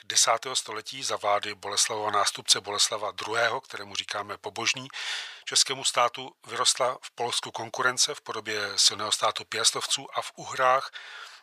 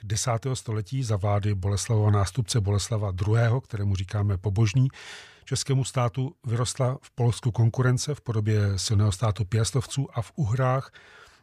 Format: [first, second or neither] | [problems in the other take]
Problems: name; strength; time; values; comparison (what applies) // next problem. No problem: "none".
second | thin; very; fading below 850 Hz